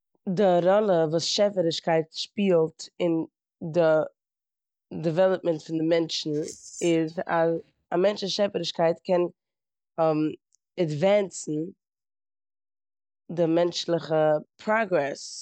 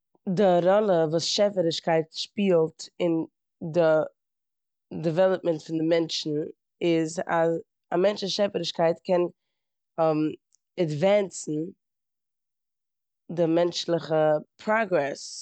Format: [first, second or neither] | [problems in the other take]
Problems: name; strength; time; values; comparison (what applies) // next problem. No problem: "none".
second | noise reduction (neural mask model DeepFilterNet 3)